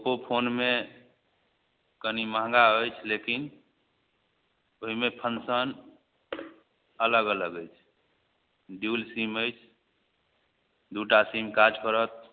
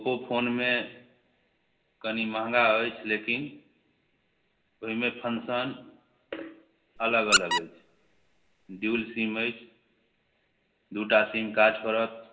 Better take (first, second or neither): first